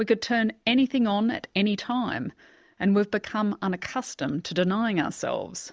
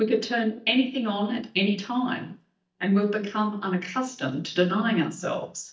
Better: first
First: none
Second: noise reduction (neural mask model DeepFilterNet 3)

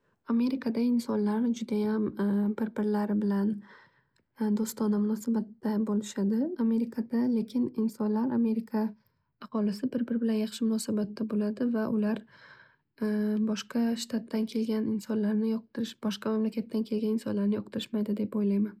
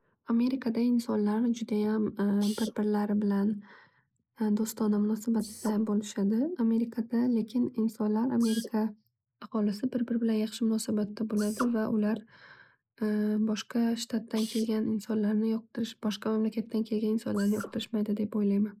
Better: first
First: none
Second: noise reduction (neural mask model Resemble Enhance denoiser)

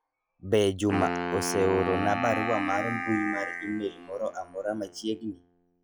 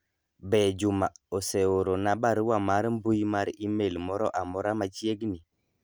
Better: second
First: noise reduction (classical method log-MMSE)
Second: none

